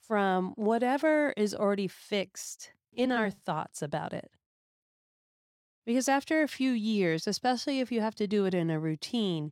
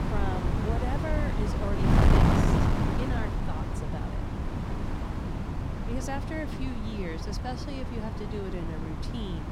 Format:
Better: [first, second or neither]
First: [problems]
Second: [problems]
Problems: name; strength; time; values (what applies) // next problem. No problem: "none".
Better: first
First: none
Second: wind noise on the microphone; heavy; 3 dB above the speech